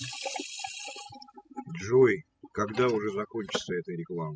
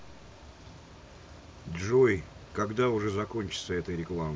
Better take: second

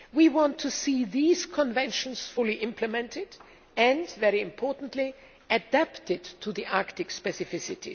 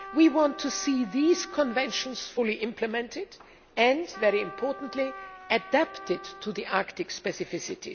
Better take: first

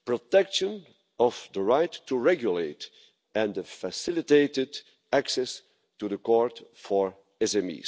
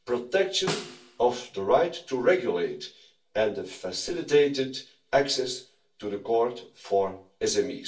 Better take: first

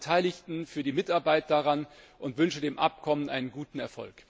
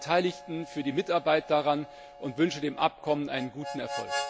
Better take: first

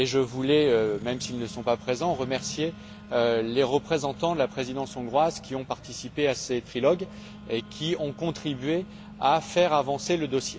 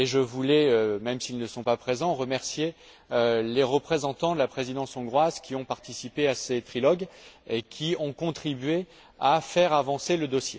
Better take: second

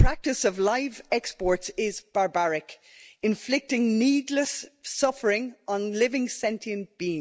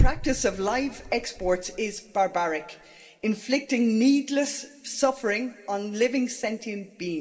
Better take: first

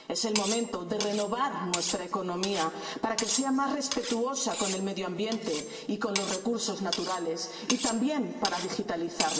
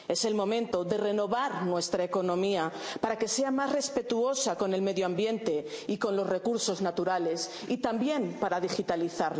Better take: second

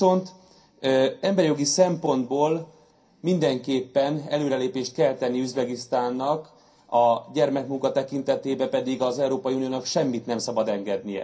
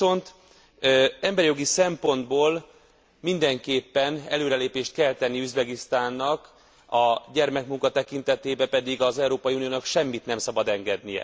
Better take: second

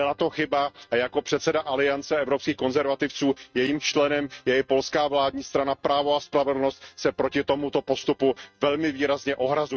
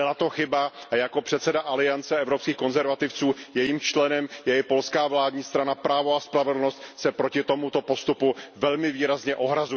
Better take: second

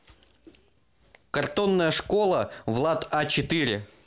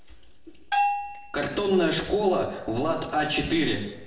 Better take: first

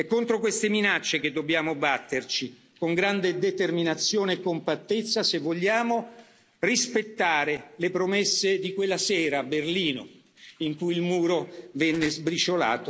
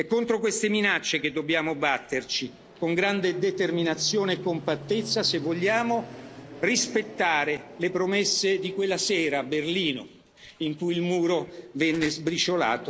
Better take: first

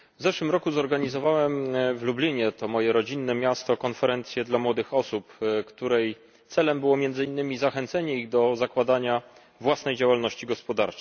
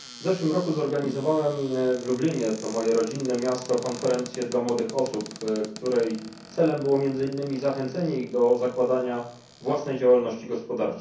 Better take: first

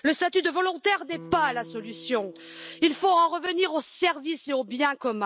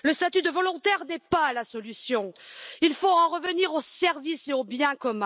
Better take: second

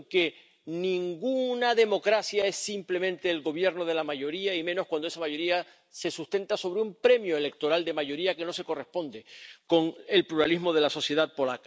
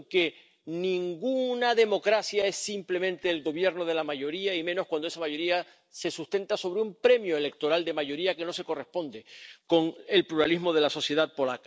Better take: first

